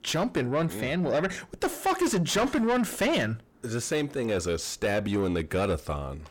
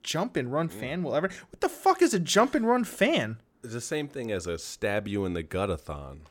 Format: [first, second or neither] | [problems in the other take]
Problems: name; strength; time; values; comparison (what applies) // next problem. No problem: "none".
second | distortion; heavy; 6 dB below the speech